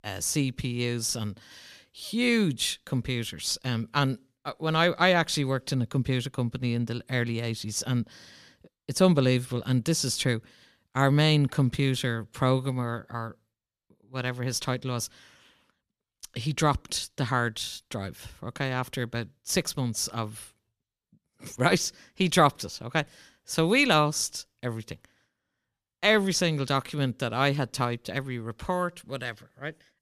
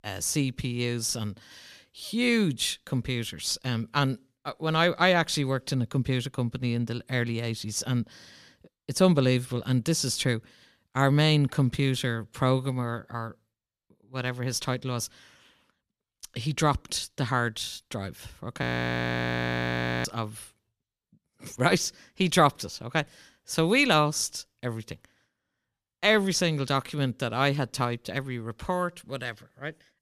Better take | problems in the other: first | audio freezing; at 19 s for 1.5 s

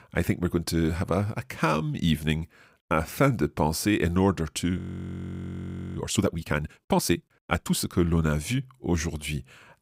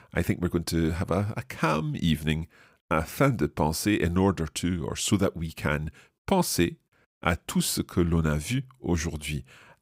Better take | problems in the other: second | audio freezing; at 5 s for 1 s

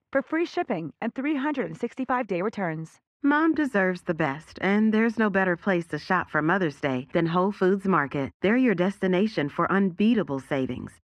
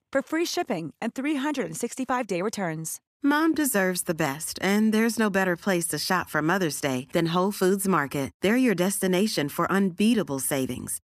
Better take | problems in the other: second | muffled; very; fading above 2 kHz

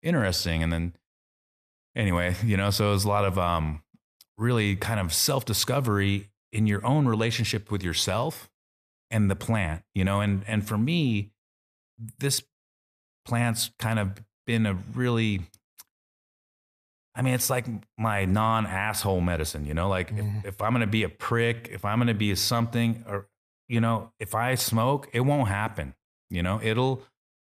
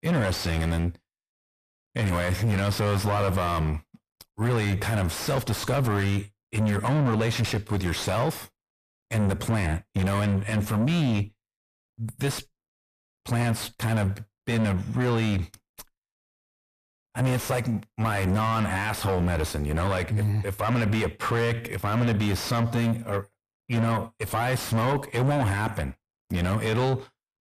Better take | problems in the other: first | distortion; heavy; 6 dB below the speech

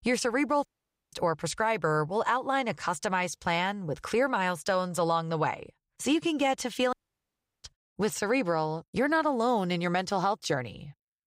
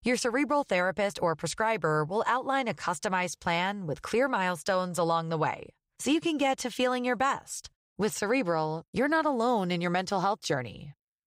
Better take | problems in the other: second | audio cutting out; at 0.5 s and at 7 s for 0.5 s

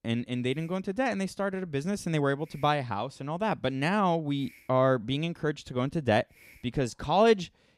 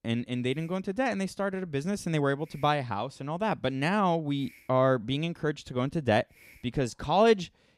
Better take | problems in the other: neither | hiss; faint; throughout; 30 dB below the speech; the same in both

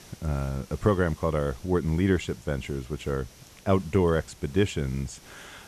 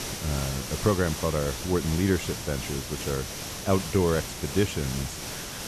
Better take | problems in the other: first | hiss; loud; throughout; 6 dB below the speech; faint in the first

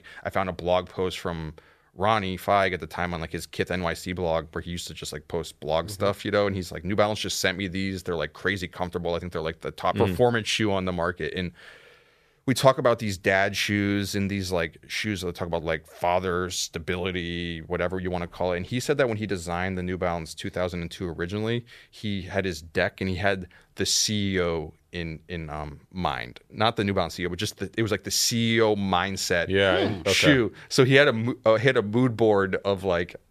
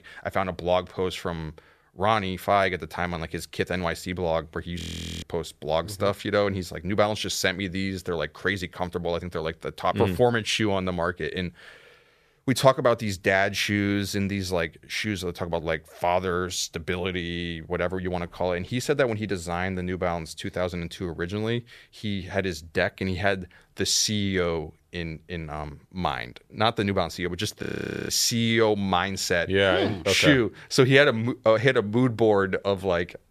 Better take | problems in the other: first | audio freezing; at 5 s and at 28 s

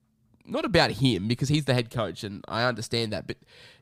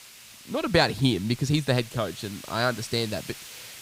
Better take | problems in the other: first | hiss; noticeable; throughout; 15 dB below the speech

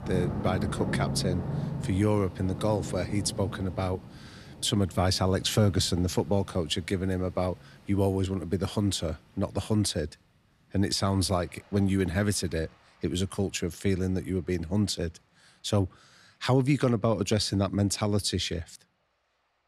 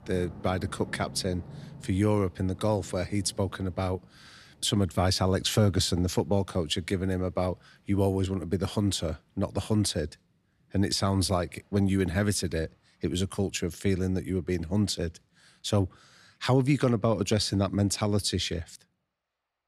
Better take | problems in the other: second | rain or running water; loud; throughout; 8 dB below the speech; faint in the second

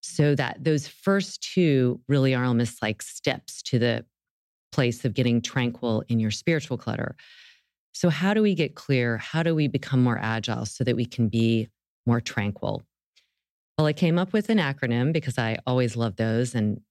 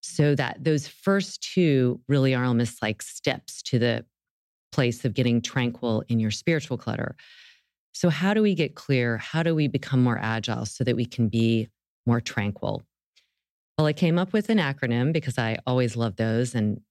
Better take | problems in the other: neither | none

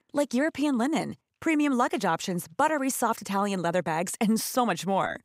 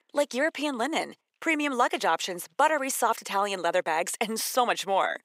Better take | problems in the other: first | thin; somewhat; fading below 500 Hz

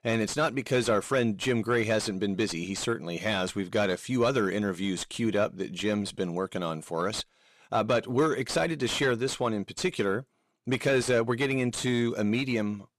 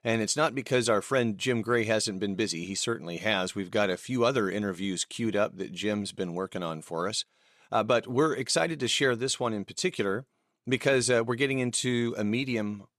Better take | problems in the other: second | distortion; slight; 10 dB below the speech

